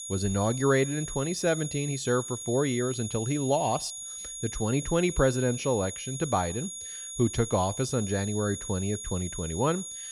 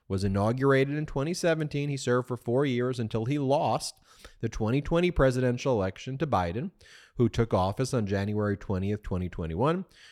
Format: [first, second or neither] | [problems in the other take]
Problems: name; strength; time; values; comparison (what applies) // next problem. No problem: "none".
second | high-pitched whine; loud; throughout; 6.5 kHz, 7 dB below the speech